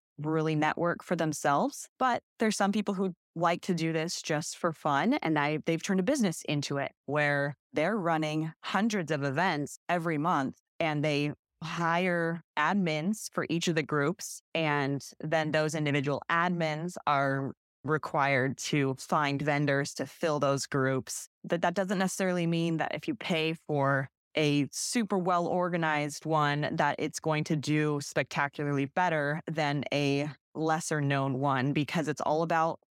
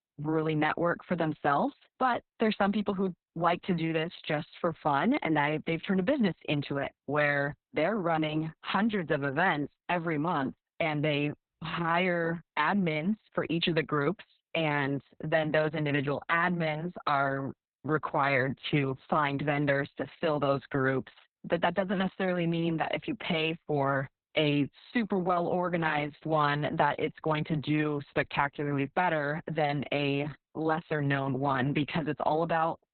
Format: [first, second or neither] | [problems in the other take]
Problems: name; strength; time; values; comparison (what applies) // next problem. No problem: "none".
first | garbled, watery; badly; nothing above 4 kHz